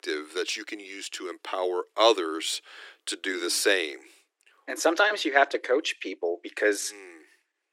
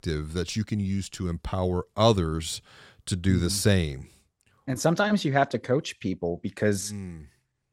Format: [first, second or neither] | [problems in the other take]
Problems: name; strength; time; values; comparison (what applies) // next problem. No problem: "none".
second | thin; very; fading below 300 Hz